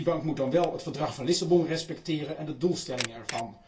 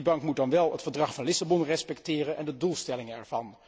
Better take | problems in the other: second | background sound (Camera); 16 dB below the speech // room echo; dies away in 0.2 s

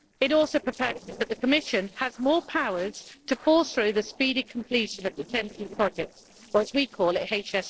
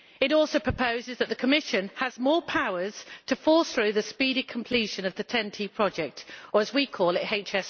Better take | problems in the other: second | noise reduction (neural separator model SepFormer DNS4)

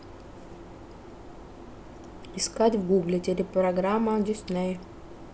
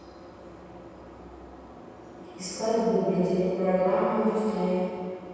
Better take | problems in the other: first | room echo; dies away in 2.2 s

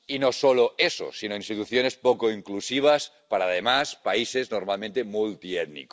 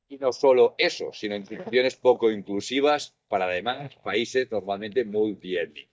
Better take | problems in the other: first | noise reduction (neural mask model DeepFilterNet 3)

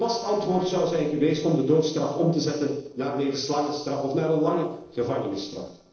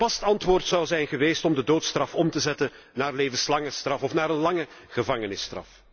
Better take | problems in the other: second | noise reduction (neural separator model SepFormer DNS4)

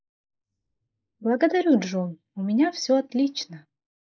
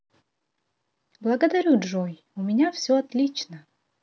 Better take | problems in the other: second | noise reduction (neural mask model Resemble Enhance denoiser)

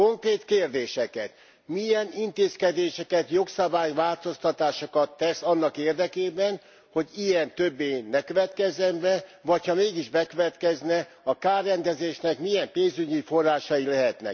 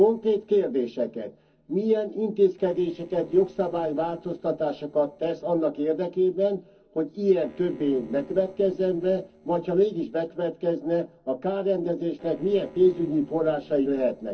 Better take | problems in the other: first | noise reduction (neural separator model SepFormer DNS4)

